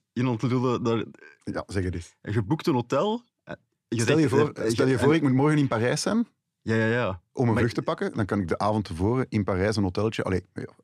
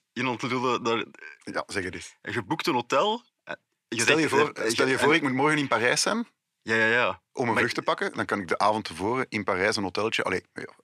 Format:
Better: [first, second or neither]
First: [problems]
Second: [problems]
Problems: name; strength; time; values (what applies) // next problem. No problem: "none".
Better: first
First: none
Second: thin; somewhat; fading below 750 Hz